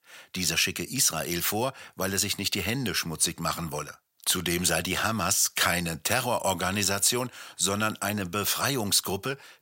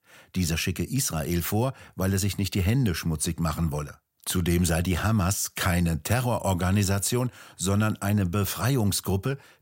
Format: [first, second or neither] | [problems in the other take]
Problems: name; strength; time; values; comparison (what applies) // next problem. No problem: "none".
second | thin; somewhat; fading below 550 Hz